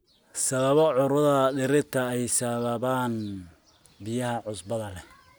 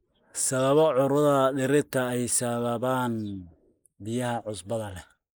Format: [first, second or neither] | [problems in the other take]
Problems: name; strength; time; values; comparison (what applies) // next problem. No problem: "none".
first | noise reduction (neural mask model Resemble Enhance denoiser)